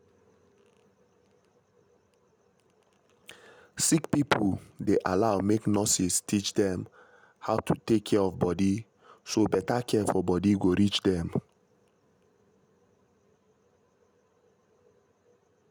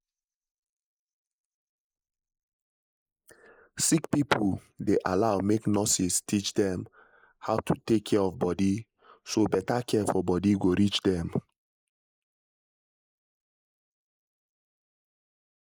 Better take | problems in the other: first | noise reduction (neural mask model Resemble Enhance denoiser)

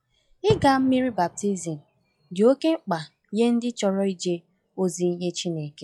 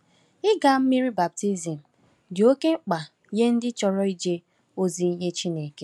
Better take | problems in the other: second | noise reduction (classical method log-MMSE)

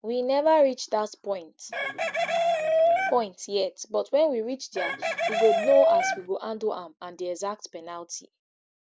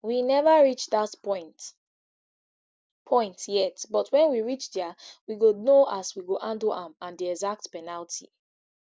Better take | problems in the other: second | background sound (Chicken, rooster); as loud as the speech

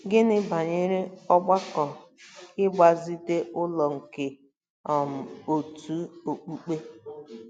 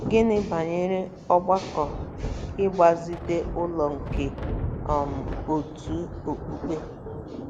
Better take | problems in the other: first | background sound (Thunder); 7 dB below the speech

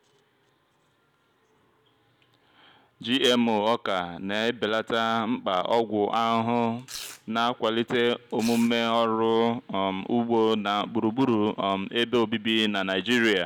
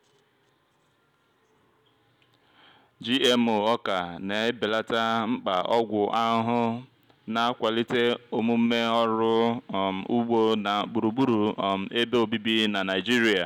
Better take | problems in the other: second | background sound (Domestic sounds, home sounds); 16 dB below the speech

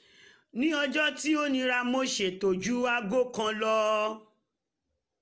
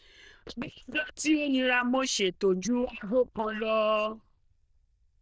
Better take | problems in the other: first | noise reduction (neural diffusion model UNIVERSE++)

